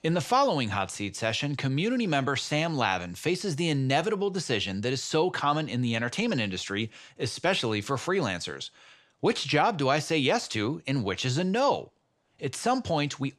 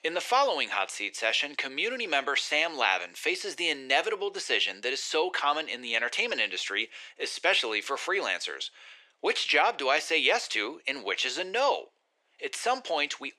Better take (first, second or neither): first